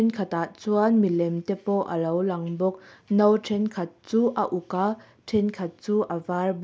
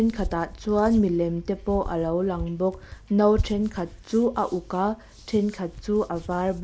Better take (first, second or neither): first